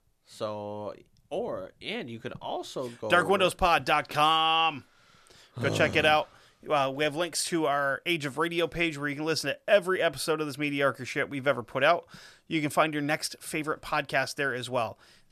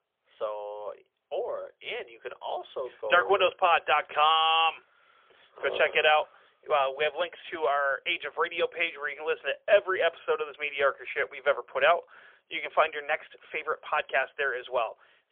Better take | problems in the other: first | phone-call audio; poor line; nothing above 3.5 kHz

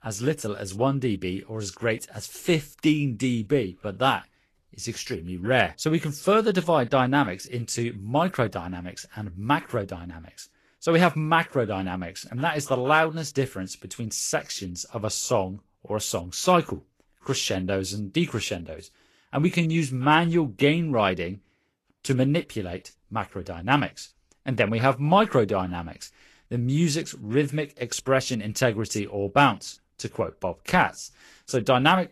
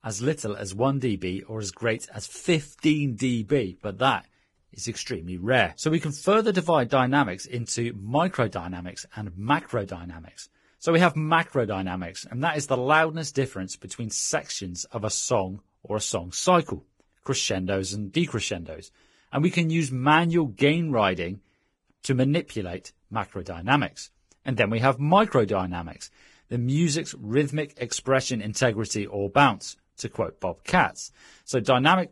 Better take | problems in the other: first | garbled, watery; badly; nothing above 10.5 kHz; slightly in the first

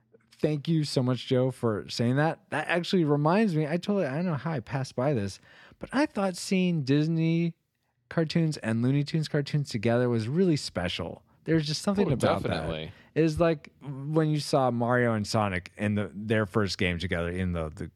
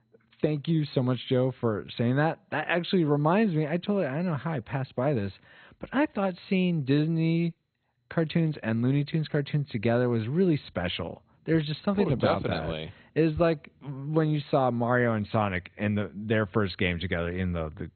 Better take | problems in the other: first | garbled, watery; badly; nothing above 4 kHz

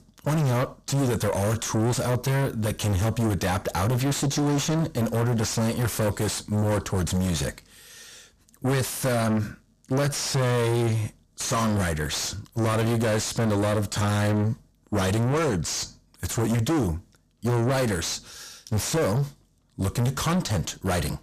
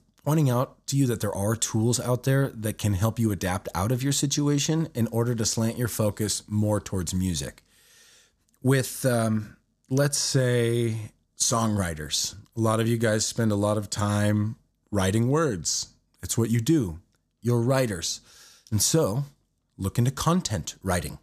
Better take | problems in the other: second | distortion; heavy; 5 dB below the speech

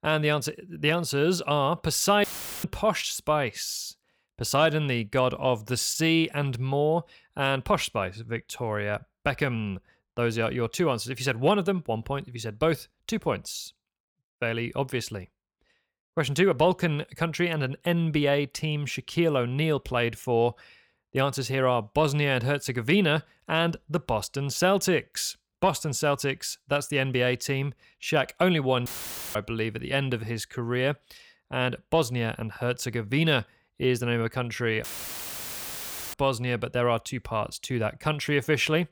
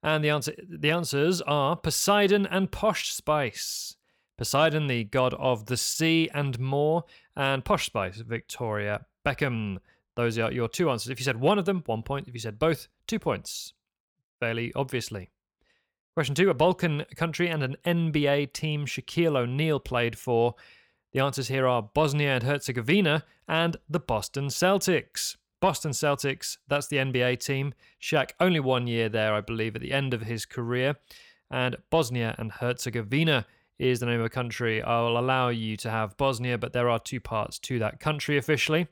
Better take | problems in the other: second | audio cutting out; filled with static; at 2 s, at 29 s and at 35 s for 1.5 s

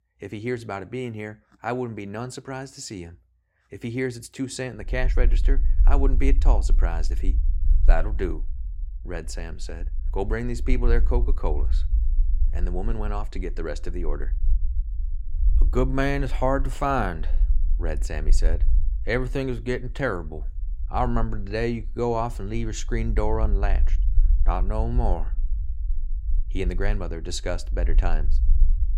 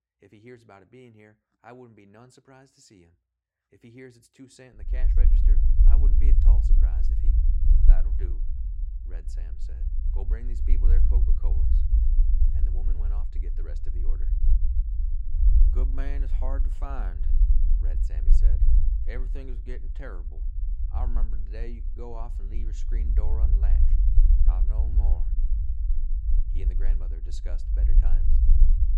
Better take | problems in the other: first | low rumble; loud; from 5 s on; 1 dB below the speech; faint in the first

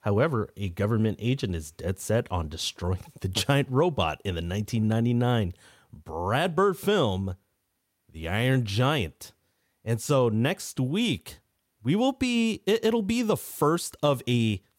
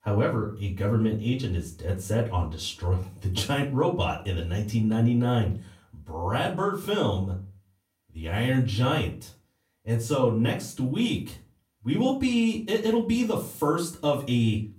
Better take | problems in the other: first | room echo; slight; dies away in 0.3 s // off-mic speech; far

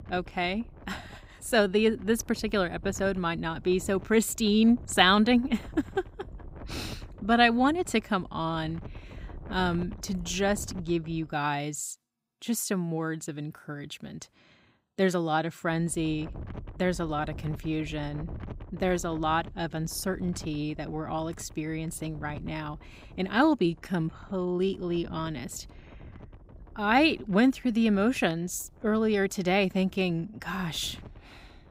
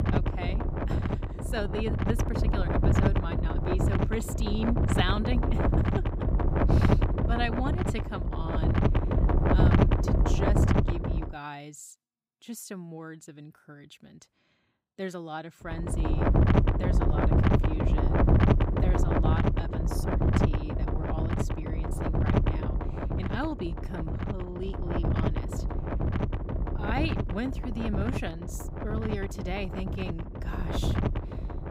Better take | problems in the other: first | wind noise on the microphone; heavy; until 11 s and from 16 s on; 4 dB above the speech; occasional gusts in the first

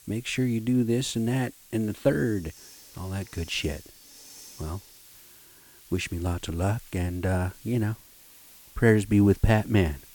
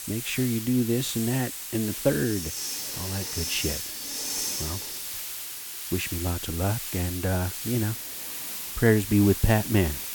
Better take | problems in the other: first | hiss; loud; throughout; 4 dB below the speech; faint in the first

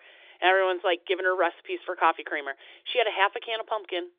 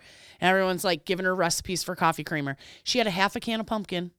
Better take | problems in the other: second | phone-call audio; nothing above 3.5 kHz

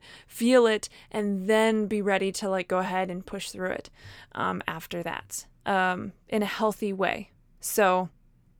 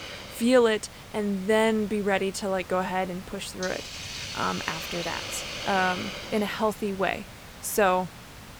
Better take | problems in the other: first | hiss; noticeable; throughout; 10 dB below the speech

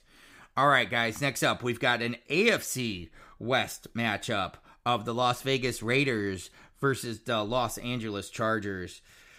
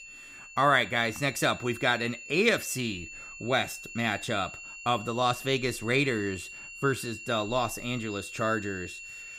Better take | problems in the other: first | high-pitched whine; noticeable; throughout; 2.5 kHz, 15 dB below the speech

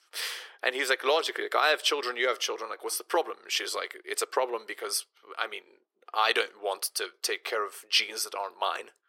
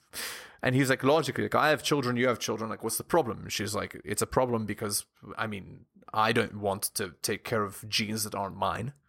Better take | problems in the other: second | thin; very; fading below 400 Hz

